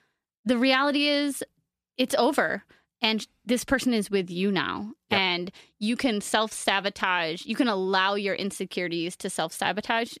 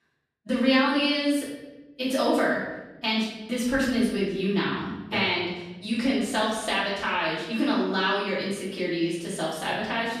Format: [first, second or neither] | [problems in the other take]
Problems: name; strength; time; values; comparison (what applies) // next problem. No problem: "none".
first | off-mic speech; far // room echo; noticeable; dies away in 1.2 s